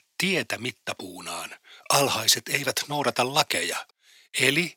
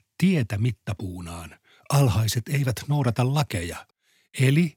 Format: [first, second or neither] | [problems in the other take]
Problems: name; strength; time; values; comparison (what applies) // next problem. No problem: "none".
second | thin; very; fading below 450 Hz